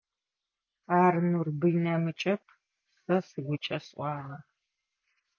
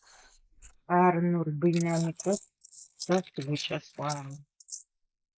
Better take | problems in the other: first | noise reduction (neural mask model Resemble Enhance denoiser)

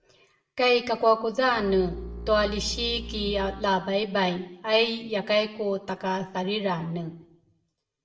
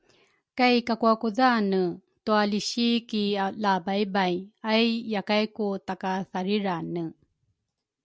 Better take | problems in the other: second | background sound (Bowed string instrument); 12 dB below the speech // room echo; dies away in 0.7 s

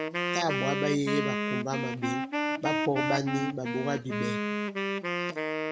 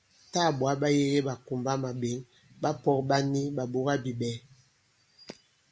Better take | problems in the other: second | background sound (Wind instrument, woodwind instrument); 2 dB above the speech

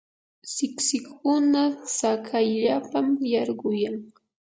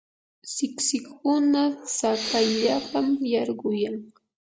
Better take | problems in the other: first | background sound (Respiratory sounds); 8 dB below the speech

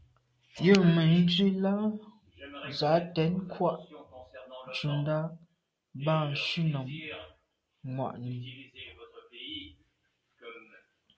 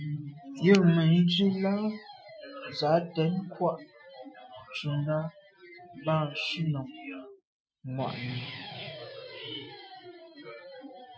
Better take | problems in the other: first | noise reduction (classical method Wiener filter)

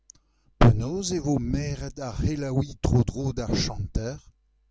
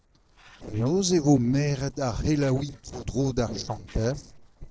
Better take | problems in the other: first | noise reduction (neural separator model SepFormer DNS4)

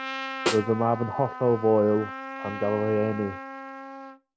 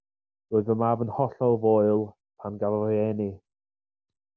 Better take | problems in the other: second | background sound (Snare drum + Trumpet); 8 dB below the speech

